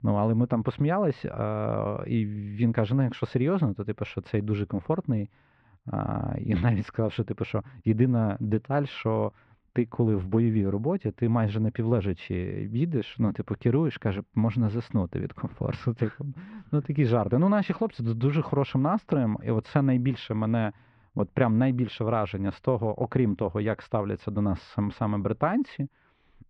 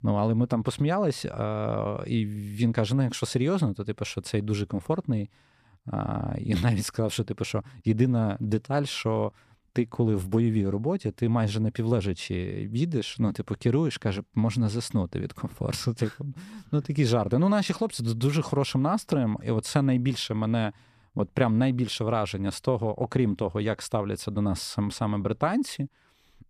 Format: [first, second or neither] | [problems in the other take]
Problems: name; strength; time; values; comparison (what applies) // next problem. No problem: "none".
second | muffled; very; fading above 2.5 kHz